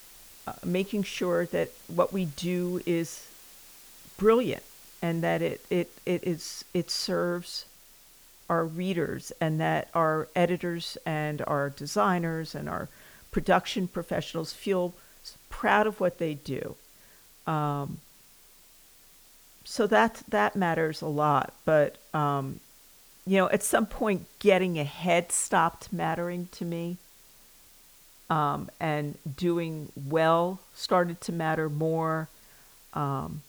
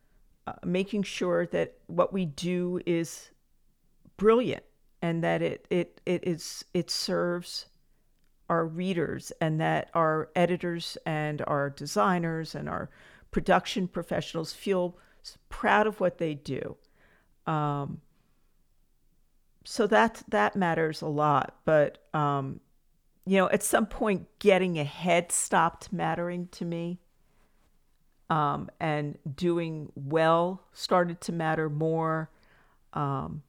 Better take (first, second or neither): second